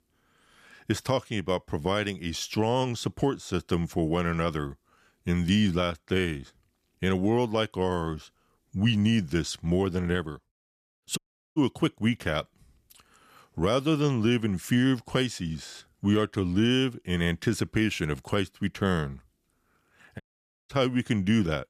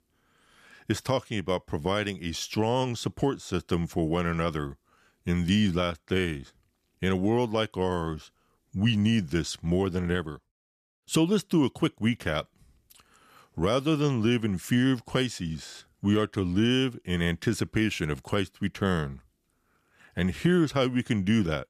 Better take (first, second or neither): second